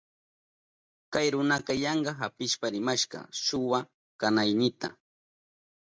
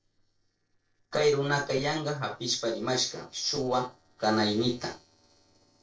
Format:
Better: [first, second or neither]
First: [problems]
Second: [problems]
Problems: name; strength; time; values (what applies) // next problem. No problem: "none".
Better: first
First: none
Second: noise reduction (neural separator model SepFormer DNS4)